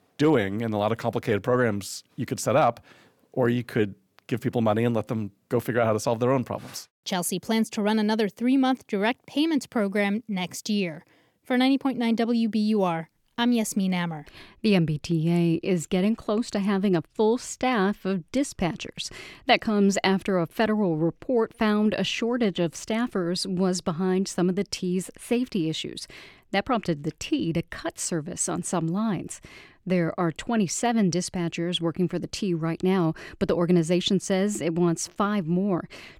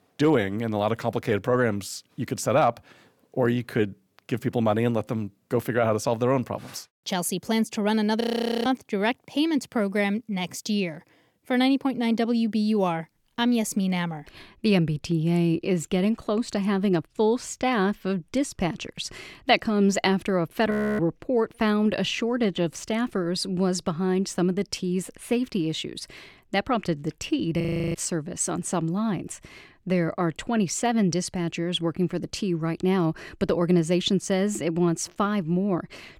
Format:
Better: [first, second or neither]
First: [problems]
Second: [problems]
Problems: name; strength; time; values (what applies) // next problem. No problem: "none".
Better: first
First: none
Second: audio freezing; at 8 s, at 21 s and at 28 s